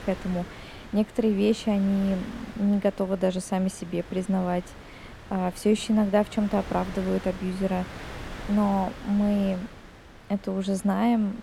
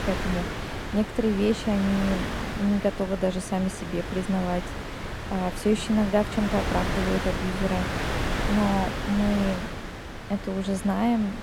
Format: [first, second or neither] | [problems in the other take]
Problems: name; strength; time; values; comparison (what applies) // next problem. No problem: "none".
first | wind noise on the microphone; heavy; 3 dB below the speech; occasional gusts in the first